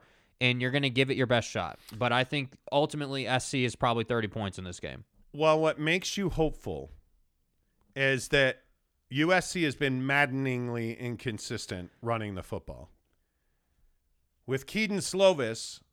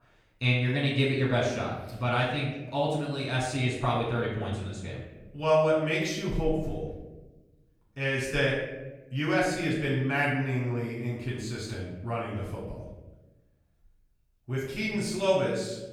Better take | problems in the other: first | off-mic speech; far // room echo; noticeable; dies away in 1 s

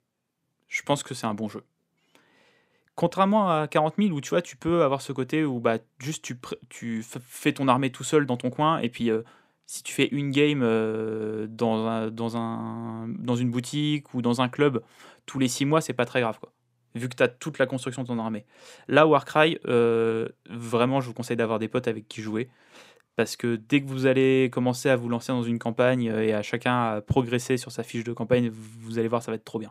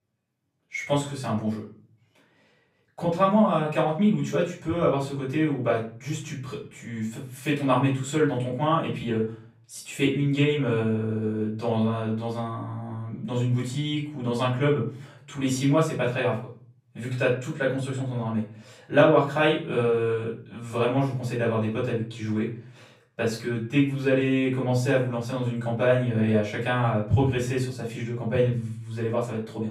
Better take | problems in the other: first | room echo; slight; dies away in 0.5 s // off-mic speech; far

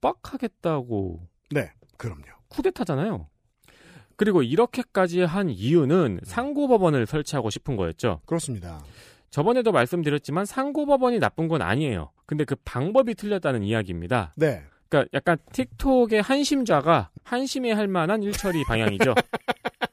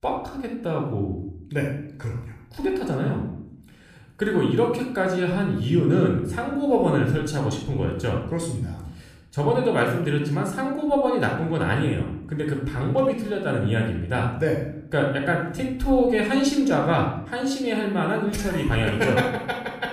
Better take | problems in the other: first | off-mic speech; somewhat distant // room echo; noticeable; dies away in 0.6 s

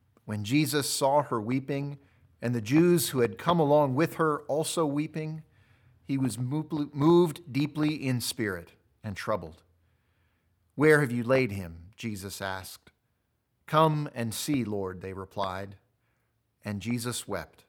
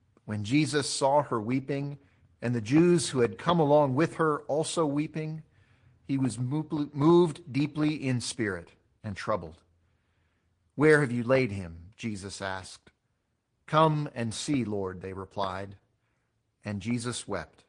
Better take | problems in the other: first | garbled, watery; slightly; nothing above 9 kHz

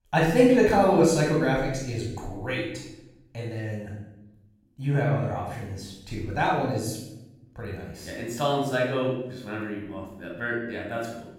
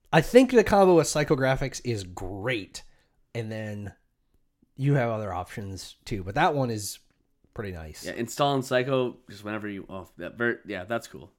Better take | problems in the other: second | off-mic speech; far // room echo; noticeable; dies away in 0.8 s

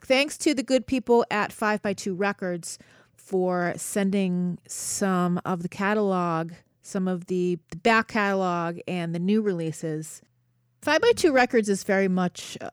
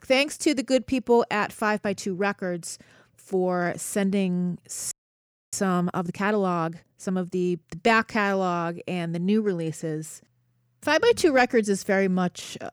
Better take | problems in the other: first | audio freezing; at 5 s for 0.5 s

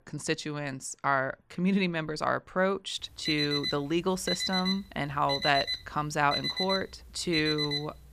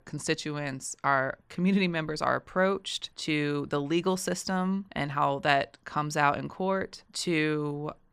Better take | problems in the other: second | alarm; loud; from 3.5 s on; peak 1 dB above the speech

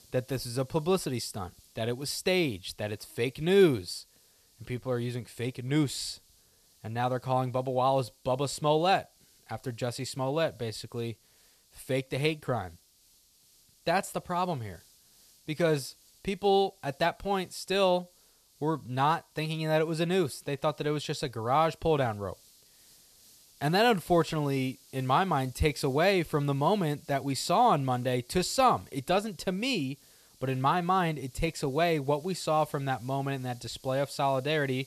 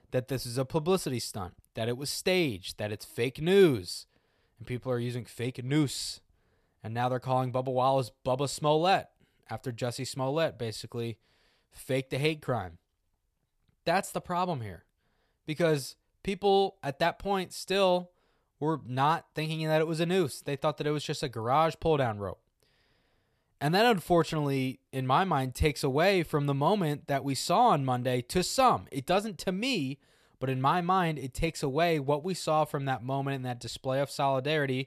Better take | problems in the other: second | hiss; faint; throughout; 30 dB below the speech

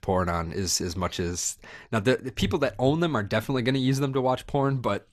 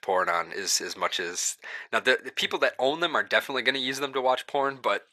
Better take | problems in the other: first | thin; very; fading below 550 Hz

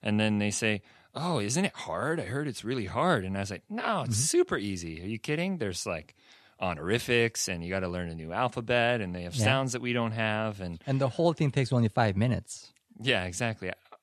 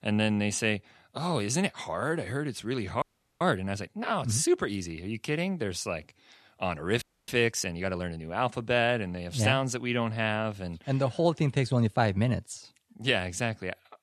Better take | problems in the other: first | audio freezing; at 3 s and at 7 s

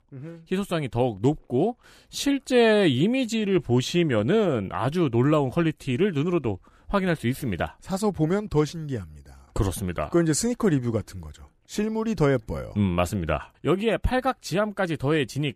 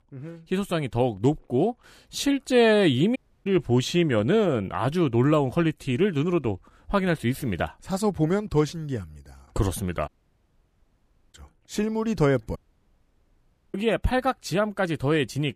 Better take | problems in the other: first | audio cutting out; at 3 s, at 10 s for 1.5 s and at 13 s for 1 s

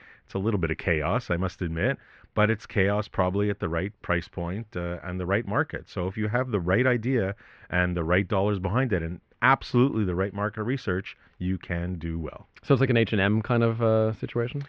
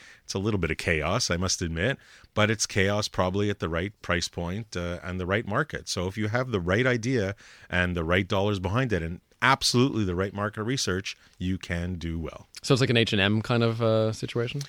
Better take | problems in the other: second | muffled; very; fading above 2.5 kHz

